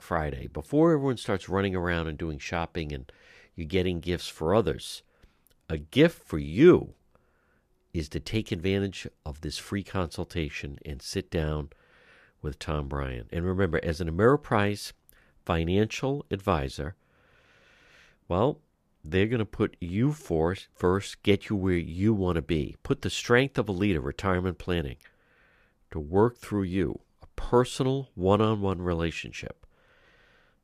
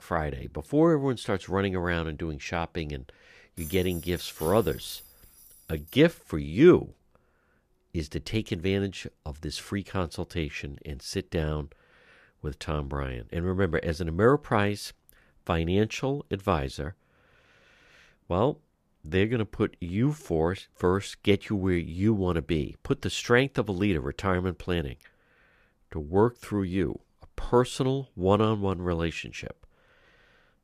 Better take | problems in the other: first | jangling keys; faint; from 3.5 to 6 s; peak 15 dB below the speech

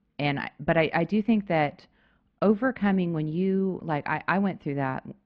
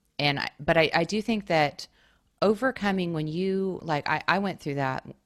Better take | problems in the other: second | muffled; slightly; fading above 2.5 kHz

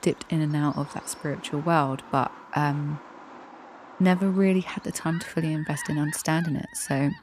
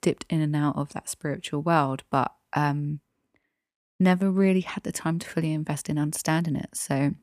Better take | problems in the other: second | animal sounds; noticeable; throughout; 15 dB below the speech

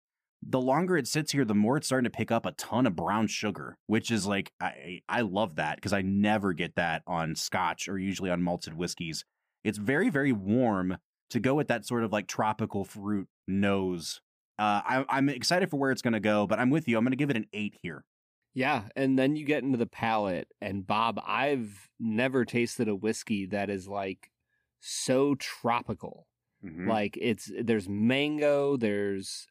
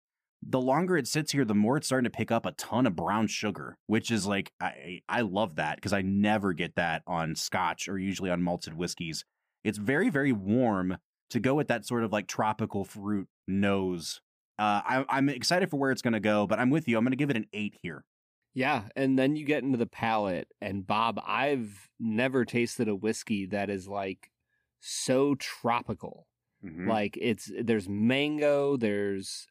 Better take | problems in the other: neither | none

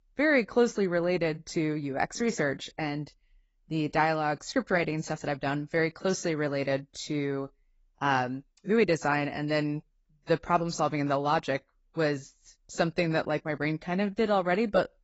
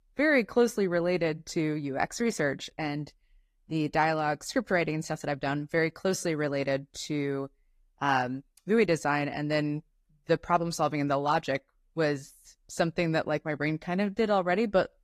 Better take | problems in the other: second | garbled, watery; badly; nothing above 7.5 kHz; slightly in the second

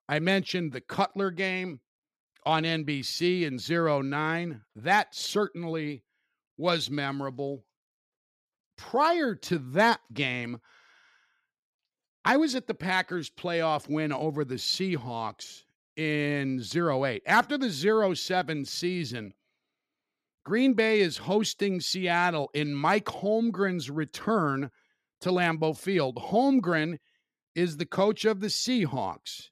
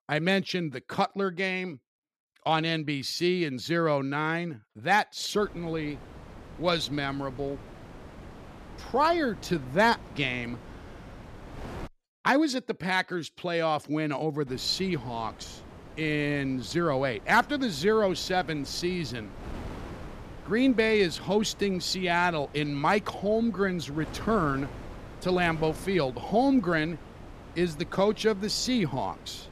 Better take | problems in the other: first | wind noise on the microphone; occasional gusts; from 5.5 to 12 s and from 14 s on; 20 dB below the speech

